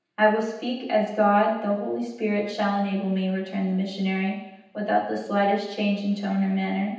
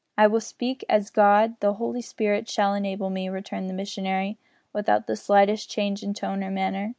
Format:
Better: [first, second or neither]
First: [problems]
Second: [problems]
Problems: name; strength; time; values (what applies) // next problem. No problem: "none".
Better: second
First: room echo; dies away in 0.9 s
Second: none